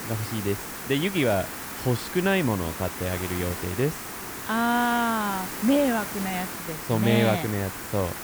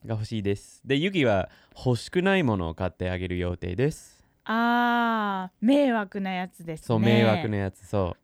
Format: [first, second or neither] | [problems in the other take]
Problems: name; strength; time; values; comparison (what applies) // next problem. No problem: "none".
second | hiss; loud; throughout; 7 dB below the speech